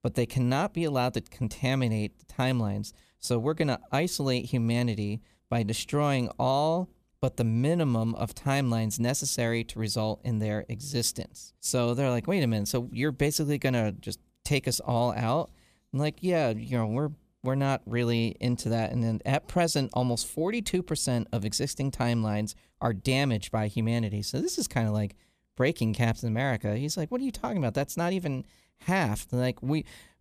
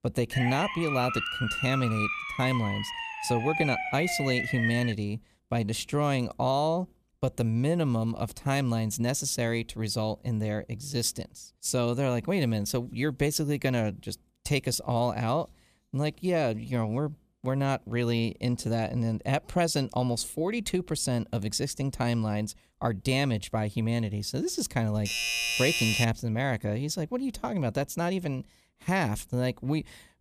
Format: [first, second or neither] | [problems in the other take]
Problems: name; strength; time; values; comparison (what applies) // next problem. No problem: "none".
first | siren; noticeable; until 5 s; peak level with the speech // doorbell; loud; from 25 to 26 s; peak 4 dB above the speech